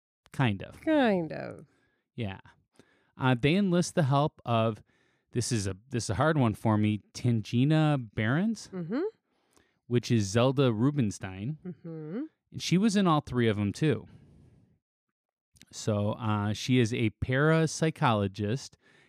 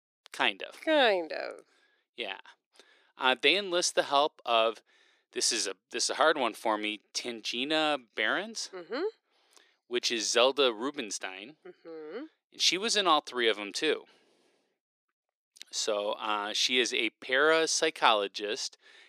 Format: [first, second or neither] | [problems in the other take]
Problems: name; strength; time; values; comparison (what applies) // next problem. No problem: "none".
first | thin; very; fading below 400 Hz